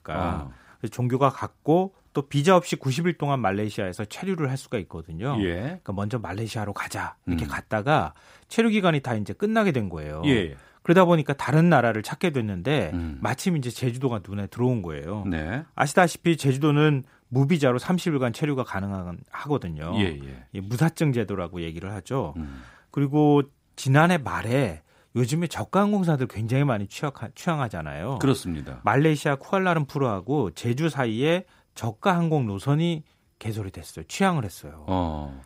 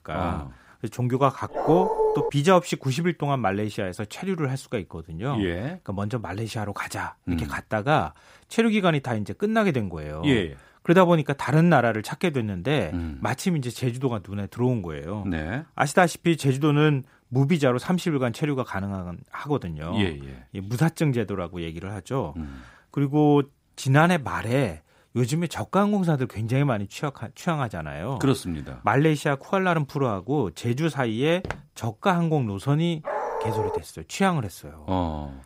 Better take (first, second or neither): first